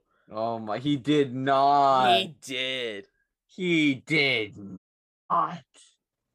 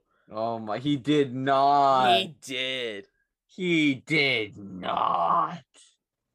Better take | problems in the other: second | audio cutting out; at 5 s for 0.5 s

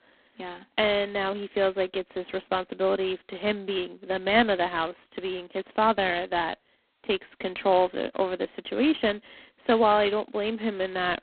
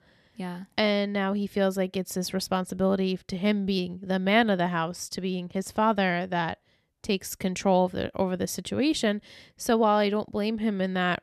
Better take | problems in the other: second | phone-call audio; poor line; nothing above 4 kHz

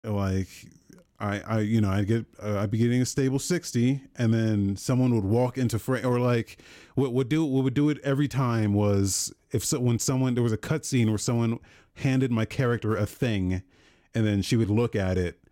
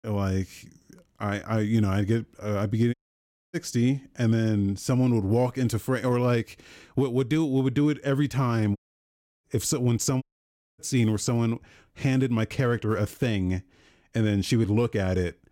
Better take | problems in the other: first | audio cutting out; at 3 s for 0.5 s, at 9 s for 0.5 s and at 10 s for 0.5 s

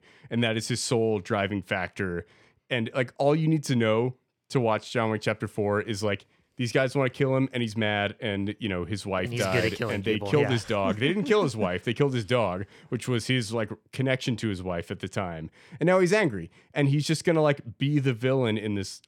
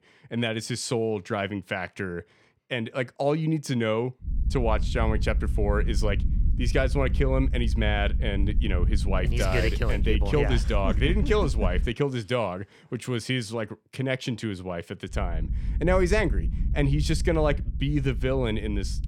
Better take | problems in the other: first | low rumble; noticeable; from 4.5 to 12 s and from 15 s on; 15 dB below the speech

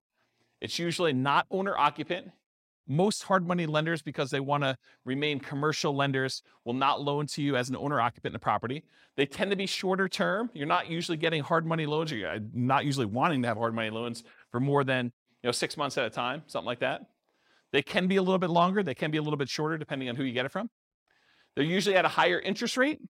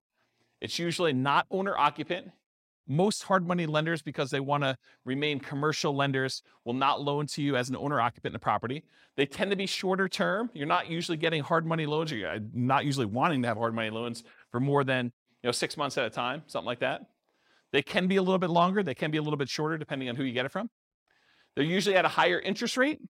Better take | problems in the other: neither | none

